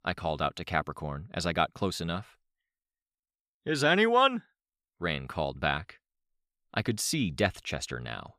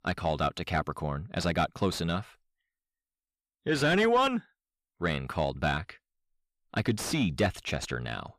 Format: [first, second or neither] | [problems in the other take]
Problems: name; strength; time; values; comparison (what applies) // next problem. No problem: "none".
first | distortion; heavy; 8 dB below the speech